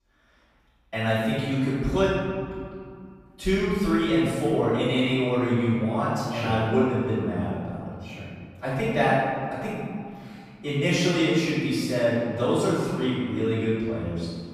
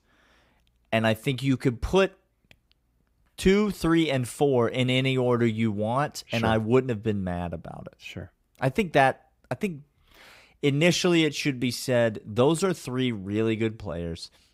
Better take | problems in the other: second | off-mic speech; far // room echo; strong; dies away in 2.1 s

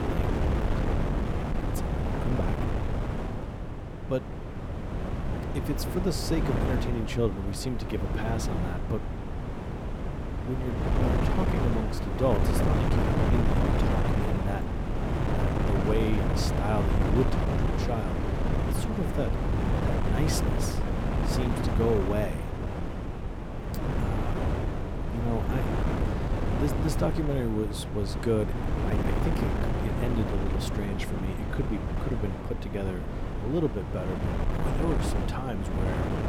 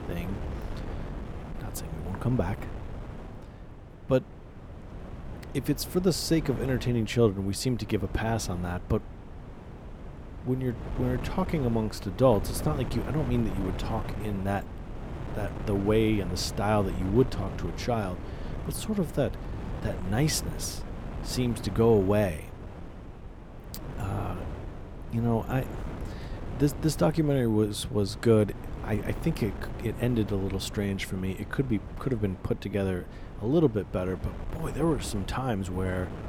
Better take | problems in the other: second | wind noise on the microphone; heavy; 1 dB above the speech; occasional gusts in the second

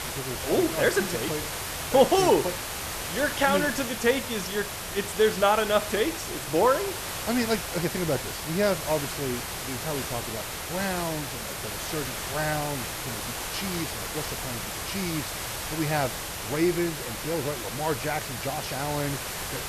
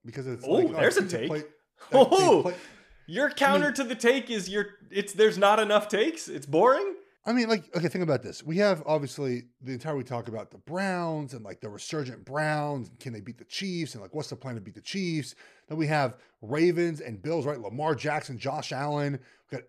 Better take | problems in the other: second | hiss; loud; throughout; 4 dB below the speech

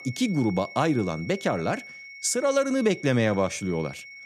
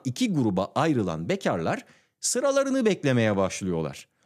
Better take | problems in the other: second | high-pitched whine; noticeable; throughout; 2 kHz, 15 dB below the speech

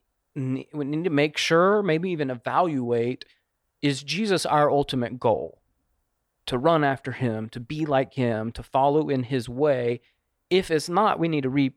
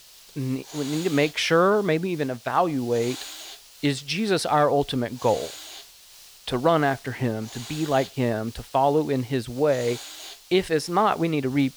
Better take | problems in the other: first | hiss; noticeable; throughout; 15 dB below the speech

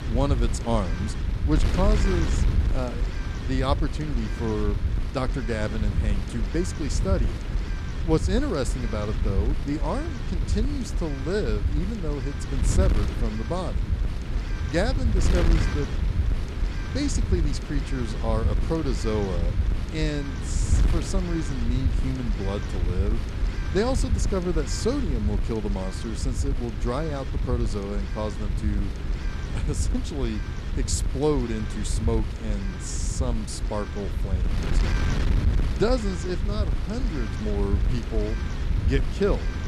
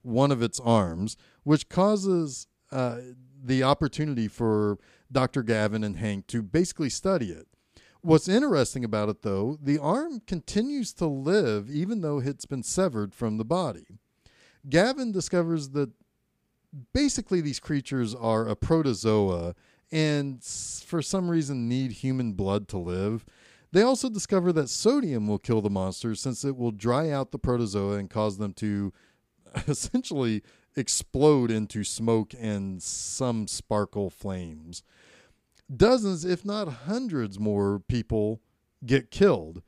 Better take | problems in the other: second | wind noise on the microphone; heavy; 6 dB below the speech

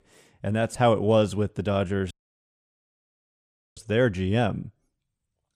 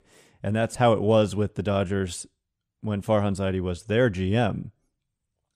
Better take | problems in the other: second | audio cutting out; at 2 s for 1.5 s

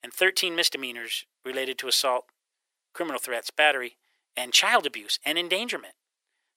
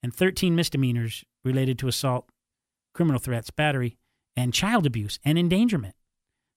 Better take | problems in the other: second | thin; very; fading below 450 Hz

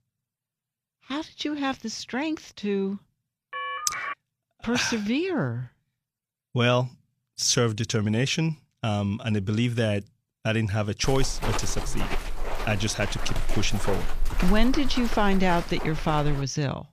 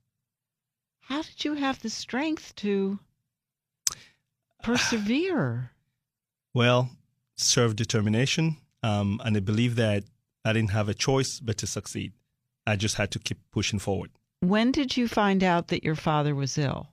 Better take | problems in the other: second | phone ringing; noticeable; at 3.5 s; peak 4 dB below the speech // footsteps; noticeable; from 11 to 16 s; peak 4 dB below the speech

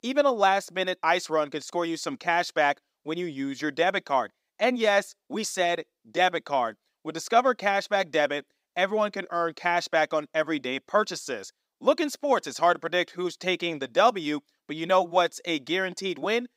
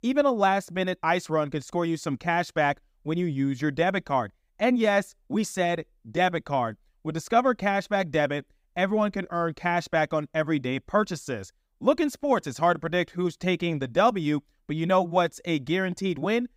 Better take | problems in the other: second | thin; somewhat; fading below 350 Hz

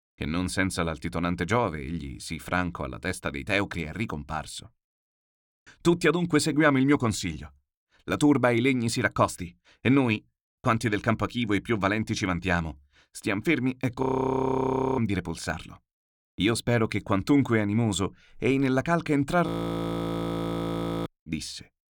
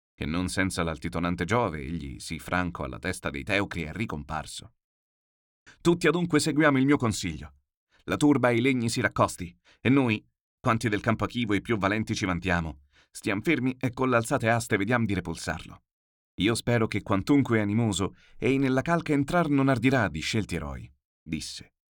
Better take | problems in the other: second | audio freezing; at 14 s for 1 s and at 19 s for 1.5 s

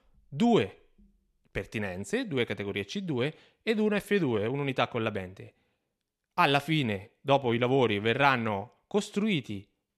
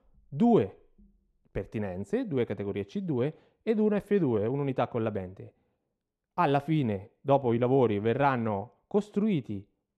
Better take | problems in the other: first | muffled; slightly; fading above 1.5 kHz

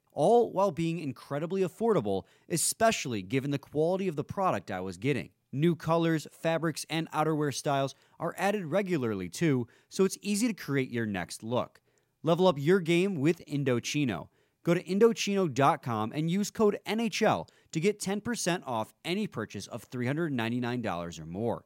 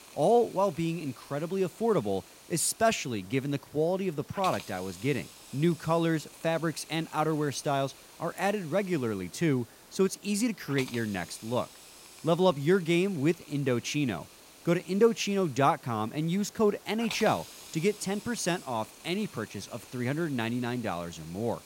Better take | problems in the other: first | hiss; noticeable; throughout; 20 dB below the speech

